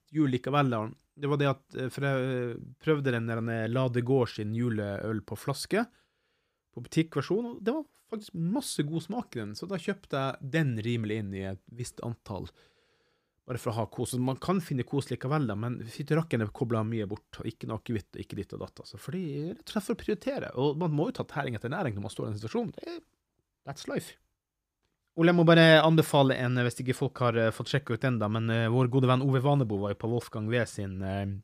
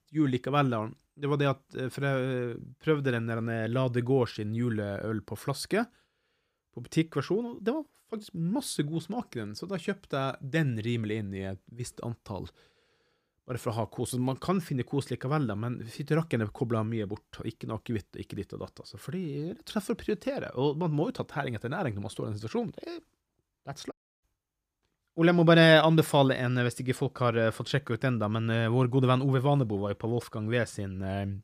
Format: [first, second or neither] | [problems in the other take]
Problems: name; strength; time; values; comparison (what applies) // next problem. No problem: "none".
first | audio cutting out; at 24 s